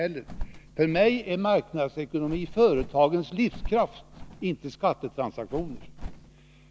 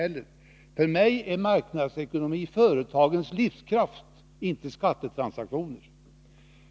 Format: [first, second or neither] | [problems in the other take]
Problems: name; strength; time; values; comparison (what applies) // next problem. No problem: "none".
second | background sound (Bird); 13 dB below the speech